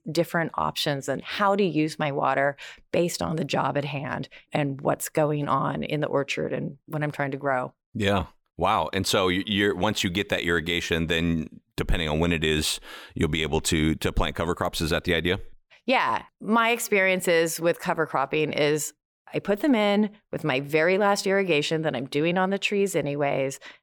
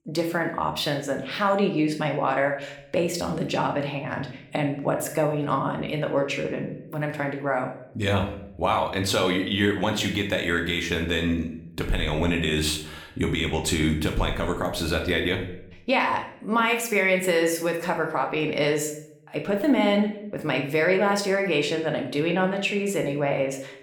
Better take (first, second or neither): first